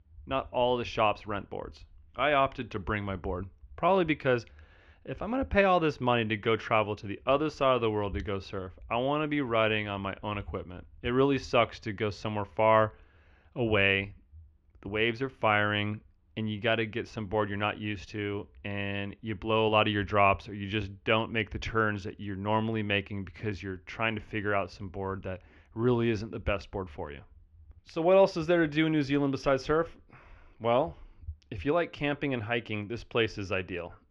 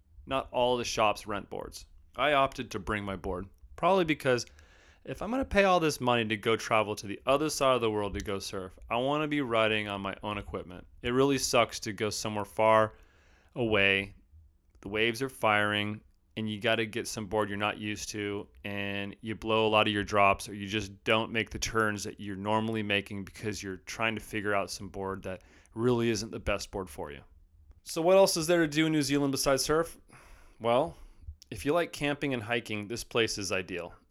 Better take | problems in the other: second | muffled; slightly; fading above 3.5 kHz

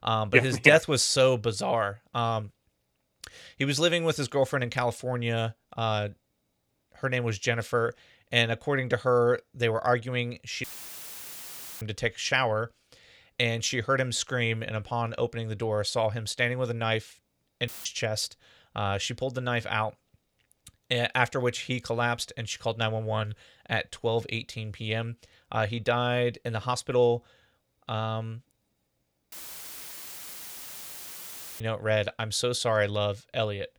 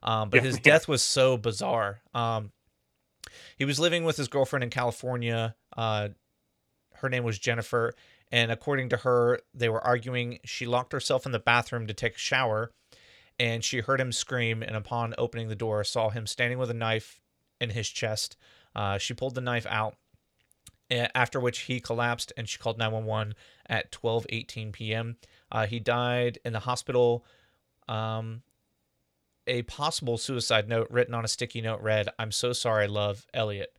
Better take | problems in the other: second | audio cutting out; filled with static; at 11 s for 1 s, at 18 s and at 29 s for 2.5 s

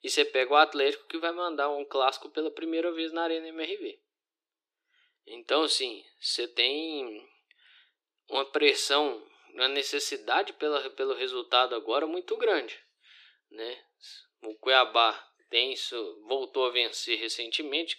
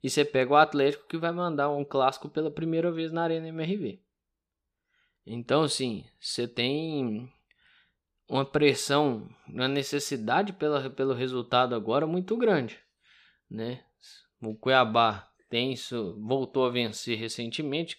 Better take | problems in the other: second | thin; somewhat; fading below 300 Hz

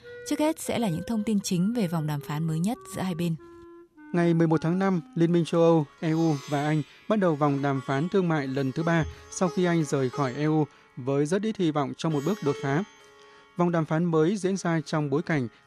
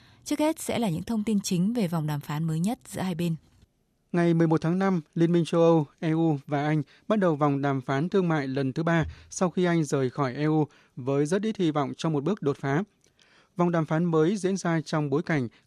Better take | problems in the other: second | background music; noticeable; throughout; 20 dB below the speech

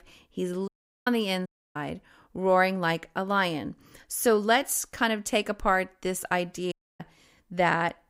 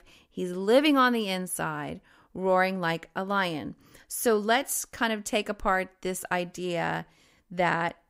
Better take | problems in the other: second | audio cutting out; at 0.5 s, at 1.5 s and at 6.5 s

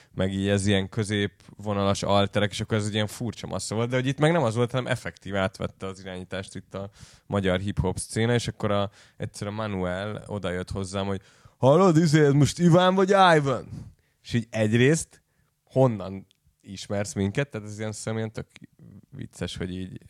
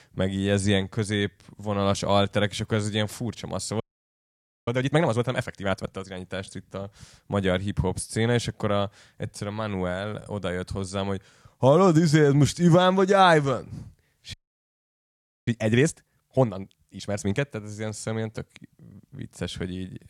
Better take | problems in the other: first | audio freezing; at 4 s for 1 s and at 14 s for 1 s

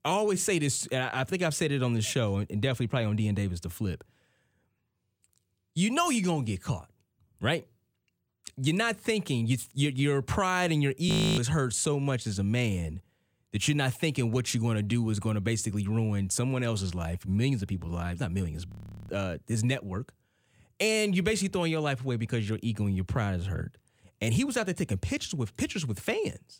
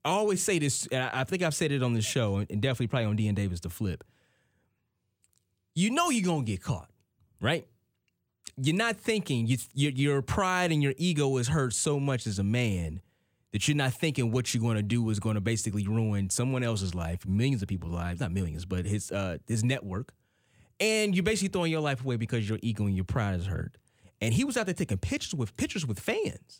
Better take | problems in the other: second | audio freezing; at 11 s and at 19 s

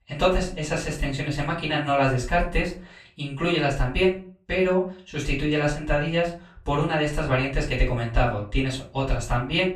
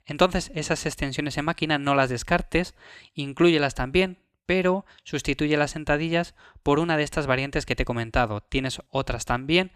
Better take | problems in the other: second | off-mic speech; far // room echo; slight; dies away in 0.3 s

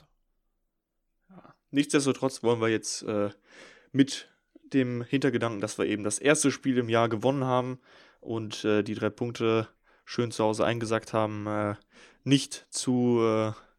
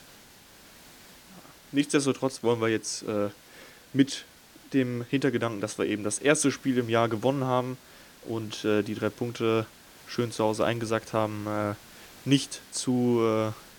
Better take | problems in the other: first | hiss; faint; throughout; 20 dB below the speech

